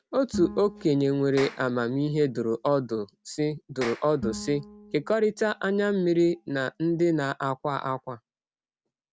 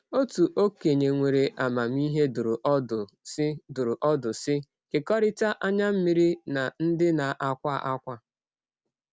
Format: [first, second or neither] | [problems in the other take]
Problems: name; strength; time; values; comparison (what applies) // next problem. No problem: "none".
second | background sound (Clapping + Bowed string instrument); 15 dB below the speech